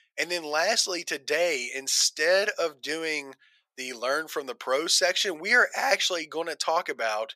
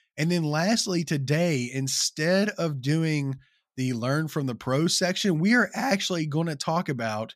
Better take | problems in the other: second | thin; very; fading below 450 Hz

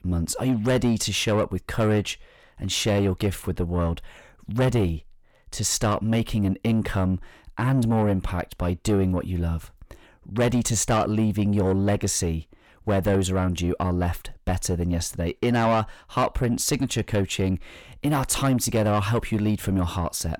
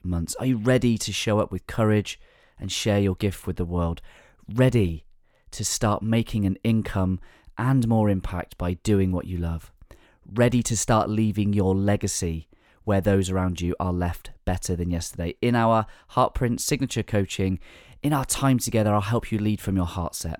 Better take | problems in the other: second | distortion; slight; 10 dB below the speech

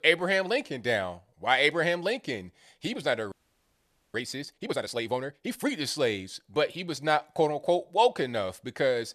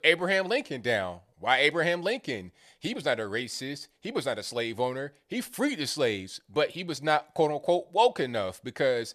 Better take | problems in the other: second | audio freezing; at 3.5 s for 1 s

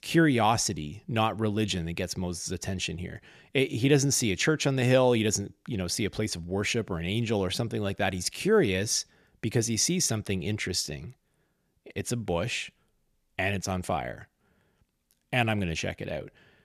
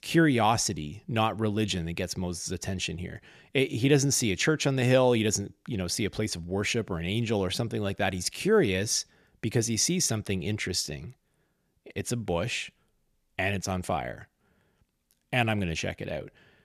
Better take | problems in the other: neither | none

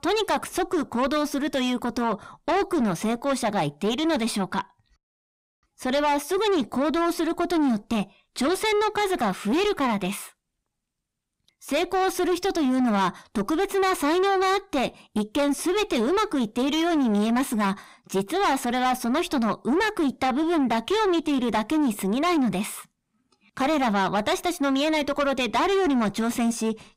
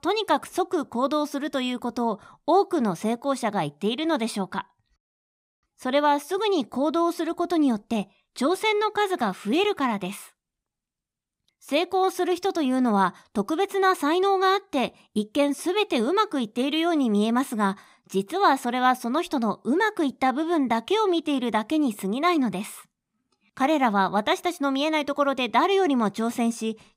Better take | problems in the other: second | distortion; heavy; 7 dB below the speech

